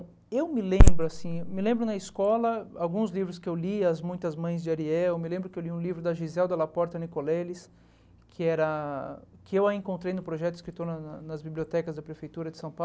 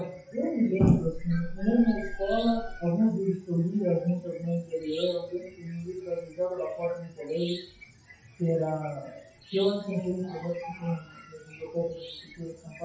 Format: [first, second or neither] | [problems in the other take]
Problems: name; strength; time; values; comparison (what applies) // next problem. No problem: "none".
first | noise reduction (classical method WPE with log-MMSE)